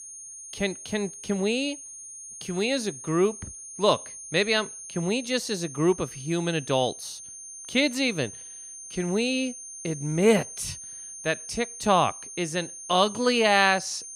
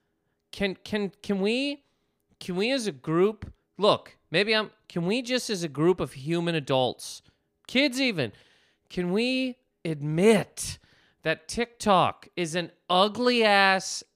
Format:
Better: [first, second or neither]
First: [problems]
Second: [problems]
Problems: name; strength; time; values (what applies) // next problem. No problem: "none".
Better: second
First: high-pitched whine; noticeable; throughout; 6.5 kHz, 10 dB below the speech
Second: none